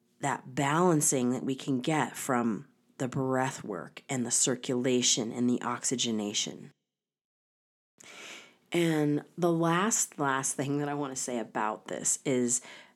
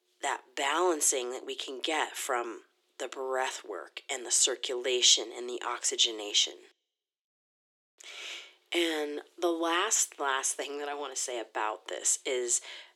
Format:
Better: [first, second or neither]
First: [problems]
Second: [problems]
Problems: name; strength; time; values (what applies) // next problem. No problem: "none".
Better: first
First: none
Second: thin; very; fading below 350 Hz